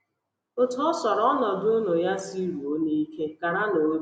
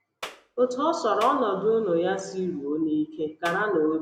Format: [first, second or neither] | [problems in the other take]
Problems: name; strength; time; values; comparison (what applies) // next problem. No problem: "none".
first | background sound (Clapping); 16 dB below the speech